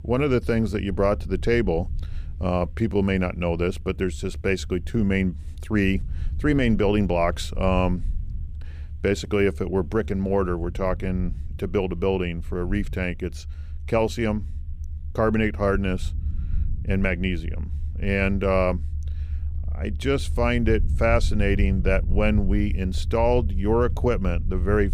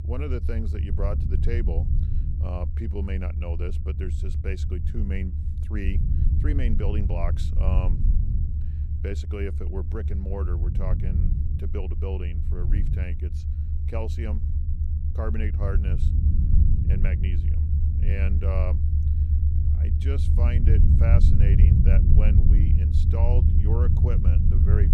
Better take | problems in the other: first | low rumble; loud; throughout; 2 dB below the speech; faint in the first

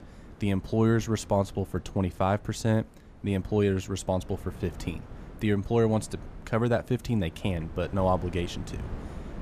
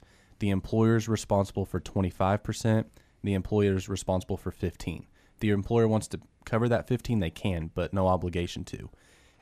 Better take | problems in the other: second | wind noise on the microphone; occasional gusts; 20 dB below the speech

